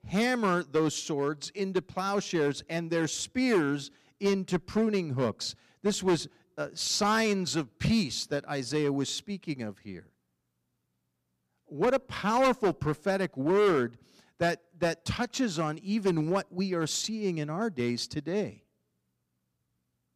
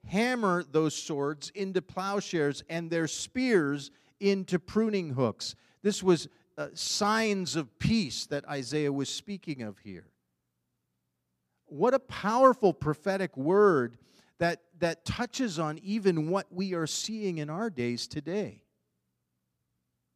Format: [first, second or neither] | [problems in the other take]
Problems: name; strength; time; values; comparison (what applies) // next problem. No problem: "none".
second | distortion; slight; 4% of the sound clipped